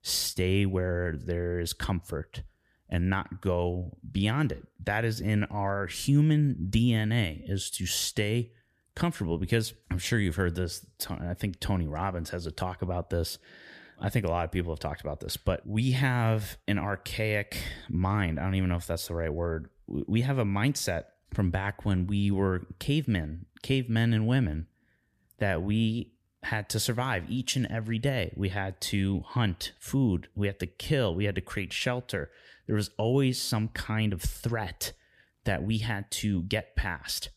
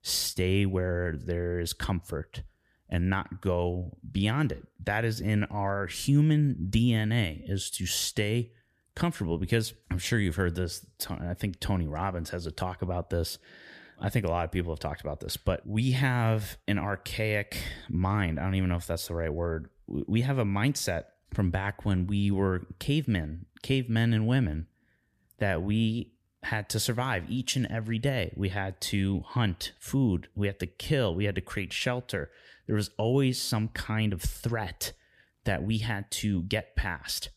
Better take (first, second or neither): neither